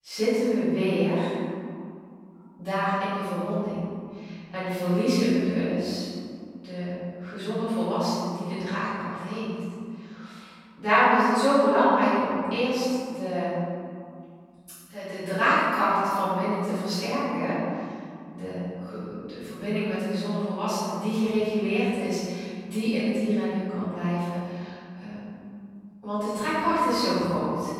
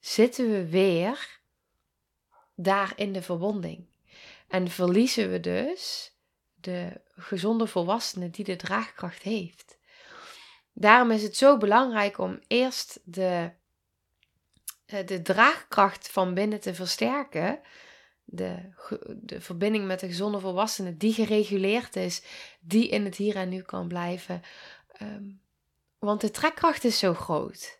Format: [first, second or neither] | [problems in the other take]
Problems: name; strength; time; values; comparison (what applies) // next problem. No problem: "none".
second | room echo; strong; dies away in 2.2 s // off-mic speech; far